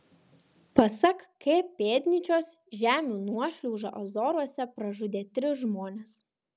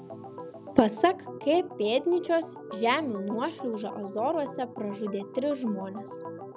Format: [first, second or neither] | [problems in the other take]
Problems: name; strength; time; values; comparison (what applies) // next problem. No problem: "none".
first | background sound (Organ); 12 dB below the speech